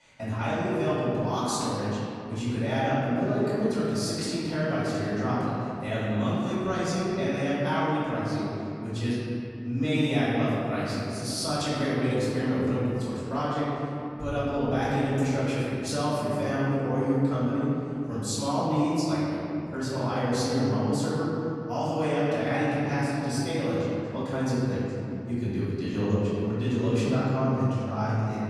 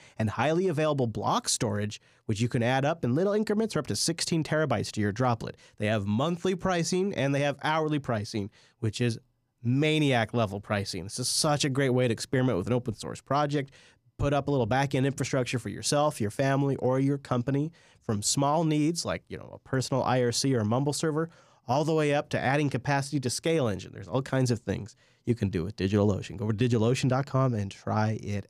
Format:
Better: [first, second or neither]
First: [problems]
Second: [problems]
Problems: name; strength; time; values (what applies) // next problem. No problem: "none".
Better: second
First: off-mic speech; far // room echo; strong; dies away in 2.7 s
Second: none